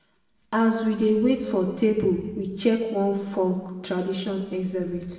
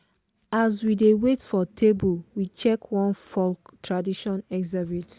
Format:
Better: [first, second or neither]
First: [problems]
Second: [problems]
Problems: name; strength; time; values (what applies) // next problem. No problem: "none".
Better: second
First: room echo; dies away in 1.2 s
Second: none